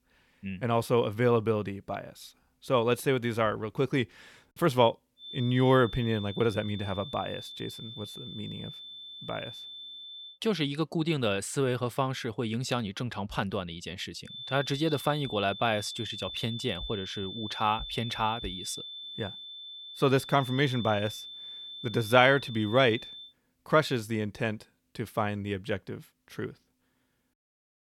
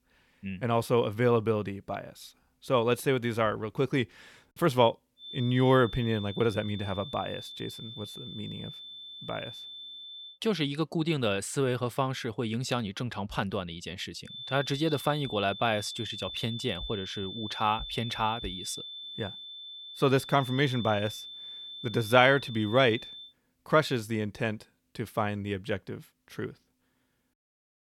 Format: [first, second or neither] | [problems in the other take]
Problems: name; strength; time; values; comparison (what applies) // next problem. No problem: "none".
neither | high-pitched whine; noticeable; from 5 to 10 s and from 14 to 23 s; 3.5 kHz, 10 dB below the speech; the same in both